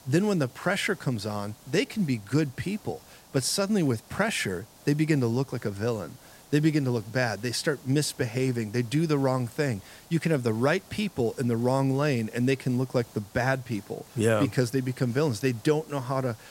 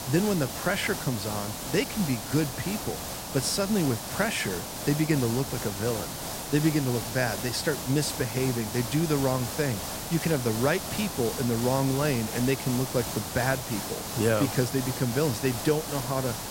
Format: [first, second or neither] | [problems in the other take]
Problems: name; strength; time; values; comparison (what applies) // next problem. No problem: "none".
first | hiss; loud; throughout; 5 dB below the speech; faint in the first